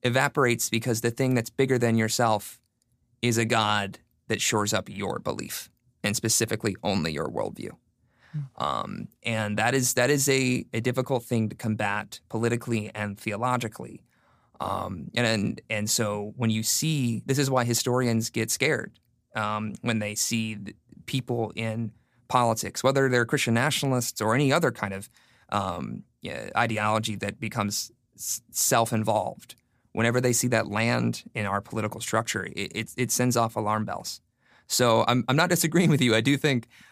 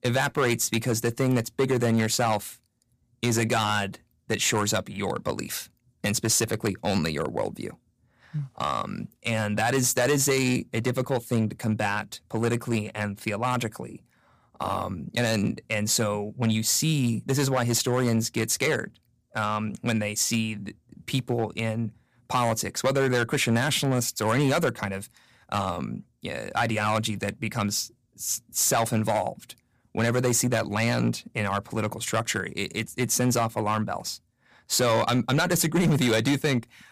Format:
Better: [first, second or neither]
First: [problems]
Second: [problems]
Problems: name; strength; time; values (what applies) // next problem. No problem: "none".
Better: first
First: none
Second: distortion; slight; 5% of the sound clipped